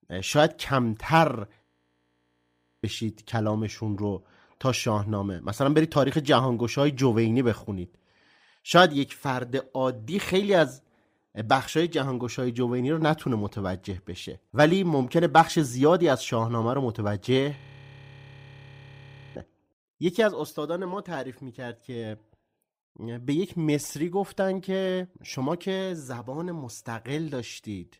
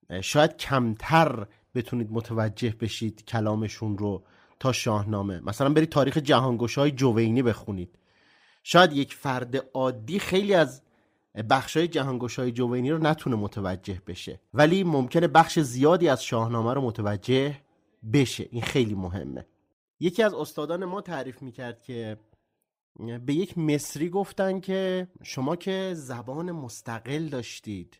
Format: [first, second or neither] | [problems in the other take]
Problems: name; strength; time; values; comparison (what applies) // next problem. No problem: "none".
second | audio freezing; at 1.5 s for 1 s and at 18 s for 2 s